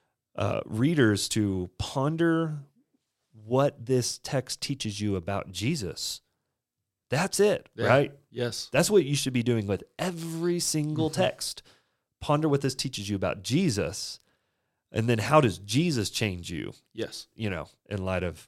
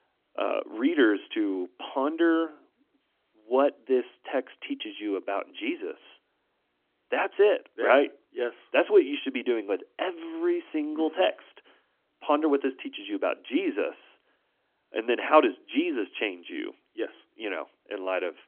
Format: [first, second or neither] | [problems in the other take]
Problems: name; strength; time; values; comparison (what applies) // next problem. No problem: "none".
first | phone-call audio; nothing above 3.5 kHz